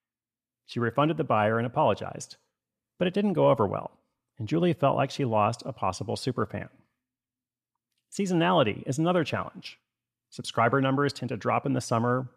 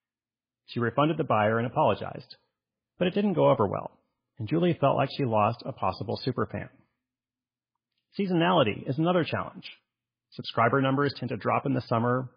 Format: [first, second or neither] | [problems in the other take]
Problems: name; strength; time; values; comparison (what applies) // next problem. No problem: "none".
first | garbled, watery; badly; nothing above 4.5 kHz